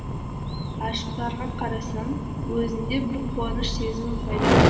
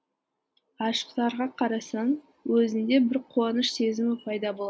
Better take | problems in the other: second | background sound (Fire); 5 dB above the speech // room echo; dies away in 2.6 s

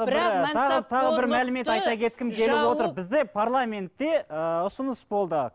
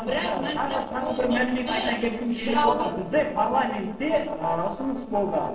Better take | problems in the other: first | noise reduction (neural separator model SepFormer DNS4)

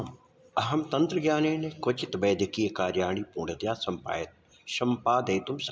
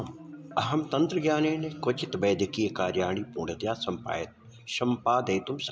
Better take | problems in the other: first | background sound (Marimba, xylophone); 17 dB below the speech

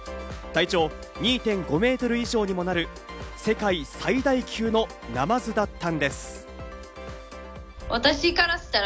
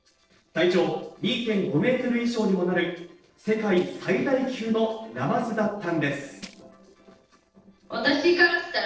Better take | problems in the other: first | noise reduction (neural separator model SepFormer DNS4)

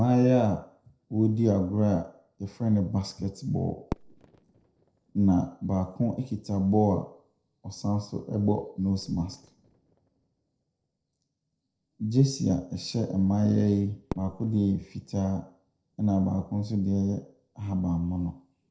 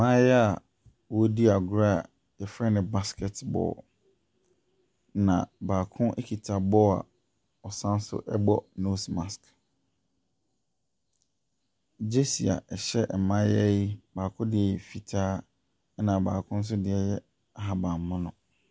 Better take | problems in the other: second | noise reduction (neural separator model SepFormer DNS4)

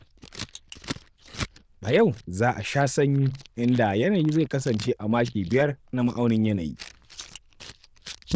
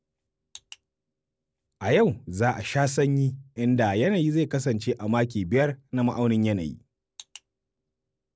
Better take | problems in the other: second | noise reduction (neural diffusion model UNIVERSE++)

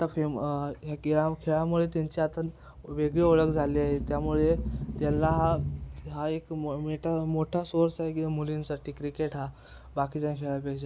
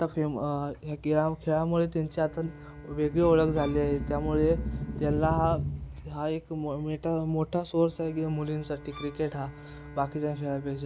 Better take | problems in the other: first | background sound (Bowed string instrument + Bowed string instrument); 20 dB below the speech

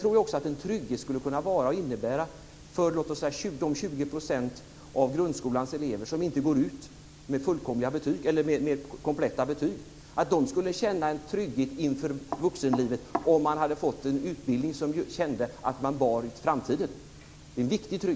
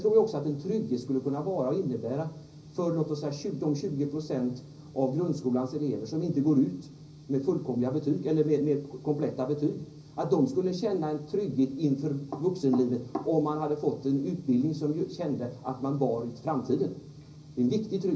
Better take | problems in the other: first | room echo; dies away in 0.5 s

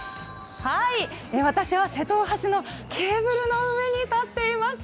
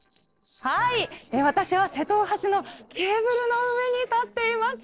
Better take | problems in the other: first | noise reduction (neural separator model SepFormer DNS4)

